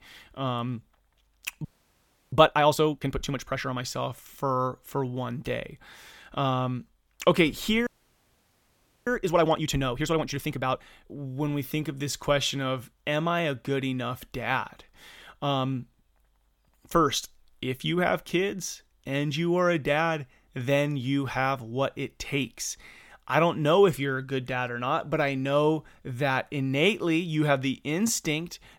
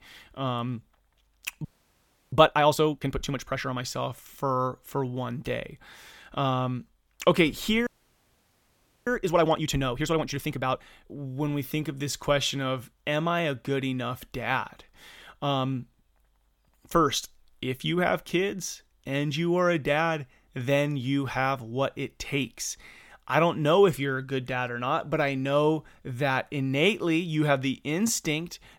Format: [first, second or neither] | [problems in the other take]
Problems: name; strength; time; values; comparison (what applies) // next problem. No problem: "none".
neither | audio freezing; at 1.5 s for 0.5 s and at 8 s for 1 s; the same in both